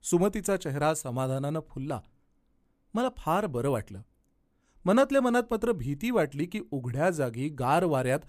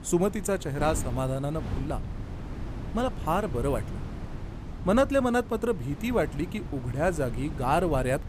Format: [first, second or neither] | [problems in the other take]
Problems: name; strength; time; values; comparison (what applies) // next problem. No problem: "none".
first | wind noise on the microphone; occasional gusts; 15 dB below the speech